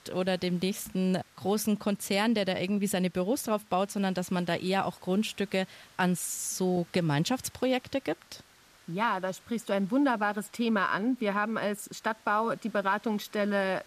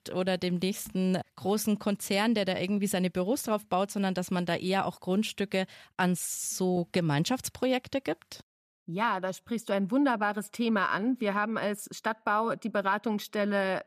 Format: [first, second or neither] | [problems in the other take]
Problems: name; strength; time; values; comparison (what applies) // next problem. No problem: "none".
second | hiss; faint; throughout; 25 dB below the speech